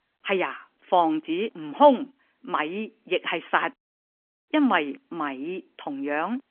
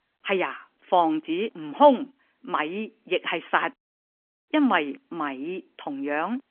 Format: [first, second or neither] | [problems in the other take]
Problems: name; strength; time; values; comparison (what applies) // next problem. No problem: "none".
neither | phone-call audio; nothing above 3.5 kHz; the same in both